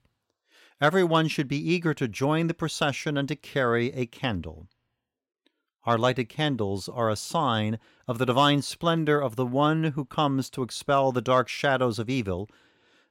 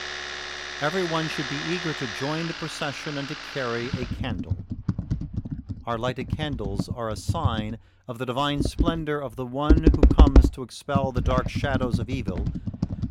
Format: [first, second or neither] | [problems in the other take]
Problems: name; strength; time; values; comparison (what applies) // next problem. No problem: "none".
first | household noises; very loud; throughout; 3 dB above the speech